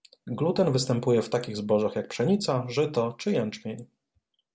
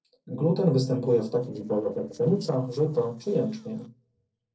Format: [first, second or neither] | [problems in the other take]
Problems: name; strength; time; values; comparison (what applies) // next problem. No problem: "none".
first | noise reduction (neural separator model SepFormer DNS4)